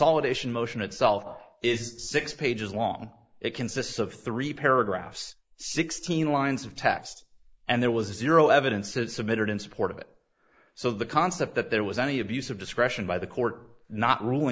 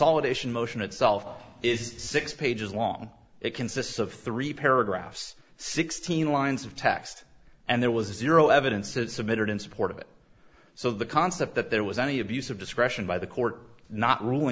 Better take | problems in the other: second | noise reduction (neural mask model Resemble Enhance denoiser)

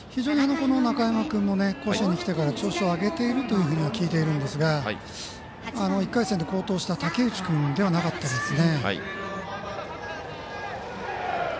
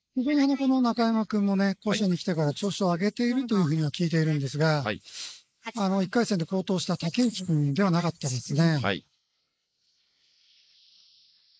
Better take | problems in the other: first | noise reduction (neural mask model Resemble Enhance denoiser)

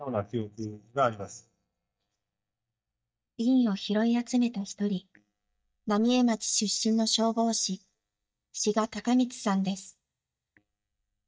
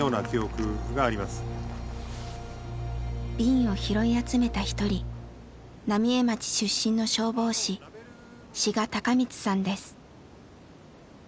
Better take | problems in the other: second | noise reduction (neural mask model DeepFilterNet 3)

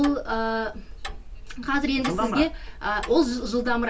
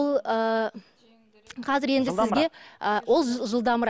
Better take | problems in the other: second | background sound (Tick-tock); 10 dB below the speech // room echo; dies away in 0.2 s

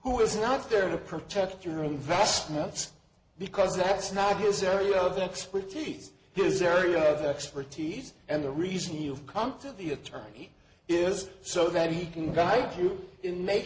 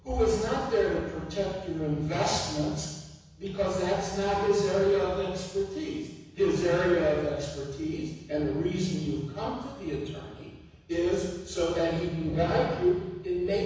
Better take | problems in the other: first | room echo; dies away in 1.1 s

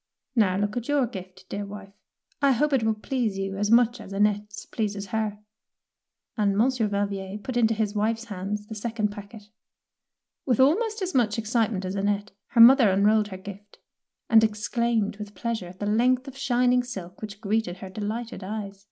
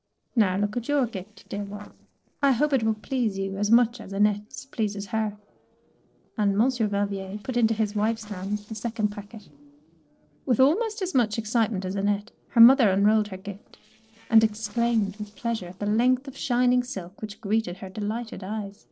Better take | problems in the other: first | noise reduction (neural separator model SepFormer DNS4)

